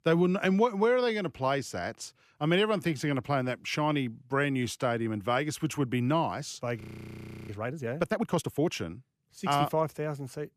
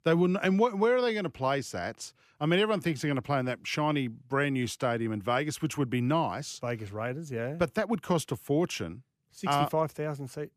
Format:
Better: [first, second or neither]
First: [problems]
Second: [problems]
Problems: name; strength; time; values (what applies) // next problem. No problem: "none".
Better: second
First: audio freezing; at 7 s for 0.5 s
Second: none